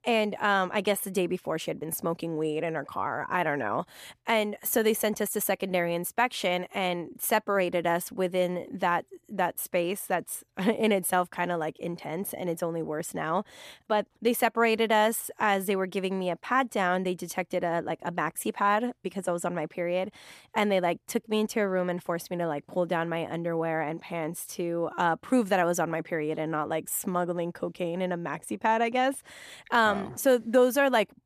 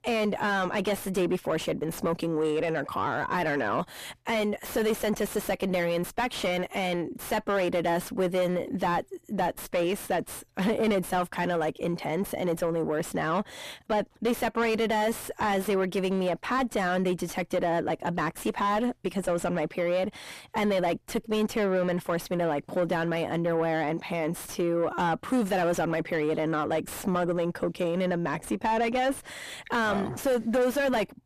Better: first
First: none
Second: distortion; heavy; 5 dB below the speech

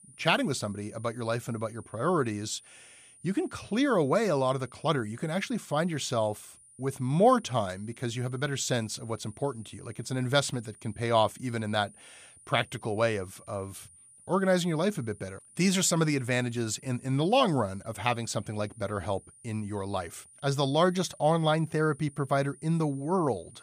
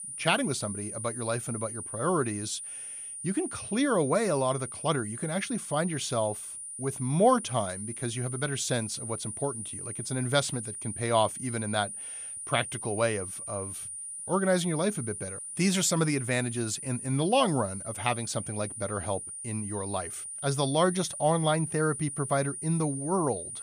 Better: first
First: high-pitched whine; faint; throughout; 9.5 kHz, 25 dB below the speech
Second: high-pitched whine; loud; throughout; 9.5 kHz, 7 dB below the speech

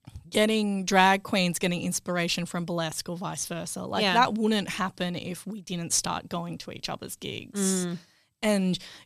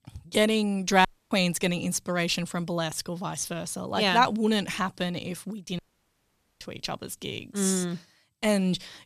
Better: first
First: none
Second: audio cutting out; at 1 s and at 6 s for 1 s

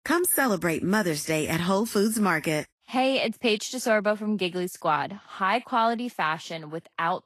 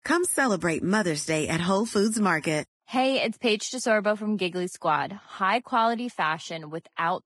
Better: first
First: garbled, watery; slightly; nothing above 13 kHz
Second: garbled, watery; badly; nothing above 11.5 kHz

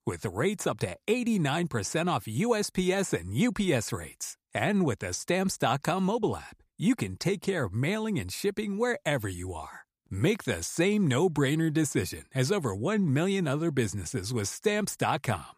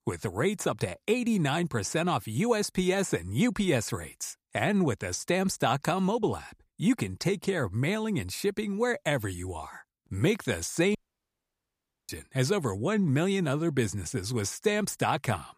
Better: first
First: none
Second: audio cutting out; at 11 s for 1 s

